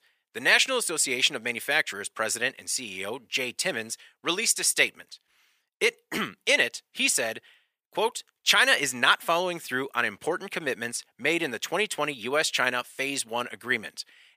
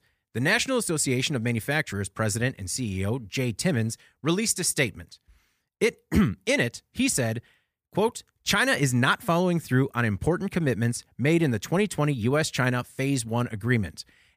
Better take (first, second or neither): second